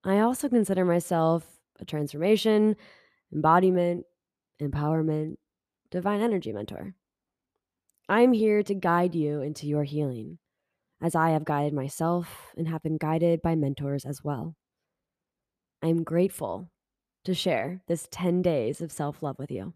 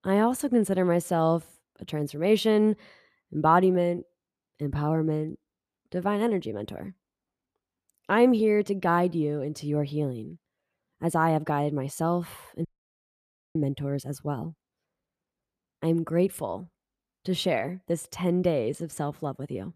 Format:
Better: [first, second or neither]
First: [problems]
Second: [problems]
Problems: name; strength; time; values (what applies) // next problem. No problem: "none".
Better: first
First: none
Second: audio cutting out; at 13 s for 1 s